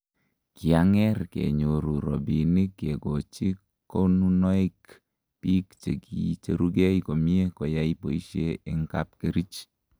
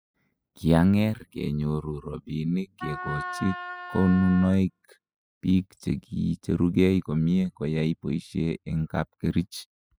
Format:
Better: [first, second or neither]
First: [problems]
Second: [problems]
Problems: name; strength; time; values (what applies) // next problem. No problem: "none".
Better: first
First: none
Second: noise reduction (classical method spectral subtraction)